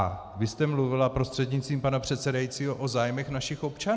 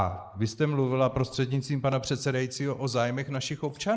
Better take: first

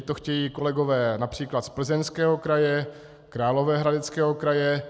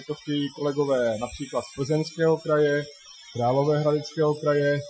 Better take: first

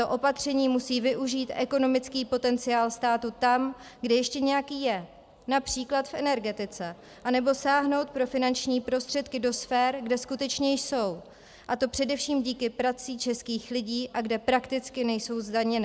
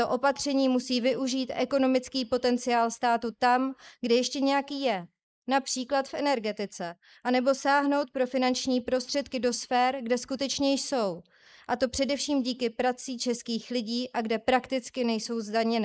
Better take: first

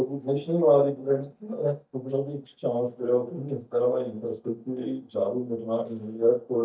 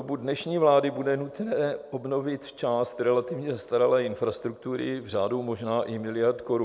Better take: second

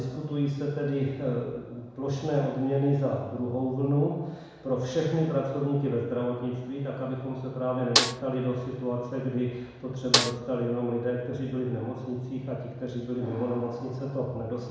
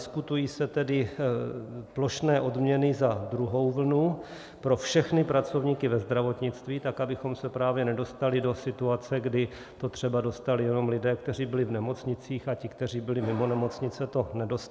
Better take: second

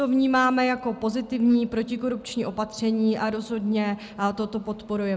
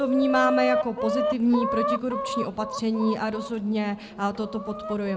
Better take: first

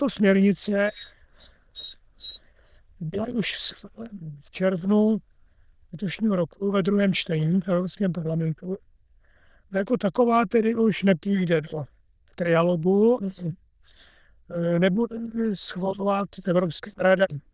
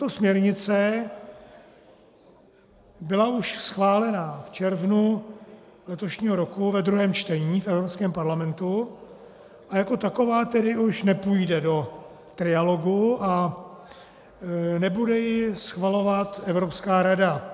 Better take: second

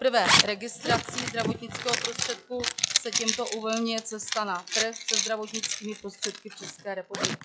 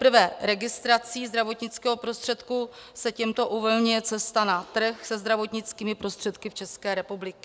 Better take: second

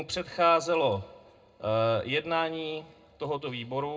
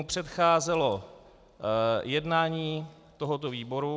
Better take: second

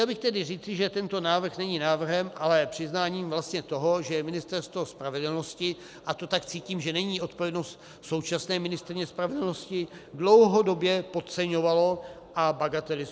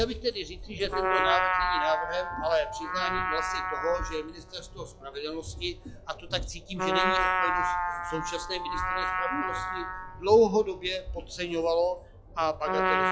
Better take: first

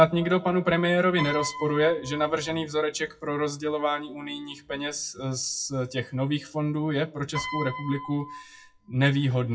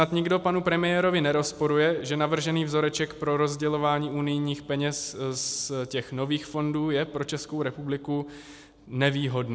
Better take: second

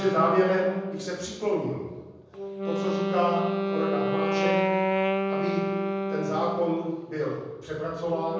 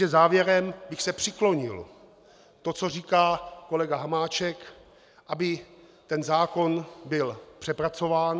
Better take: second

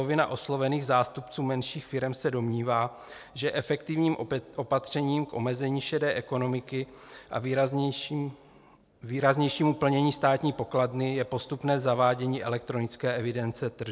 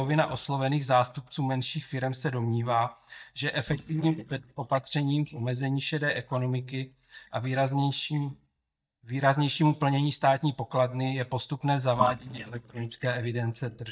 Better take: first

